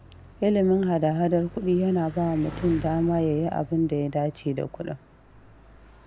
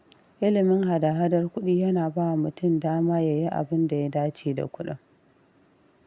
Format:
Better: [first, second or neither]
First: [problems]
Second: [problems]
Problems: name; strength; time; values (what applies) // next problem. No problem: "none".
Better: second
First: background sound (Bicycle); 17 dB below the speech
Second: none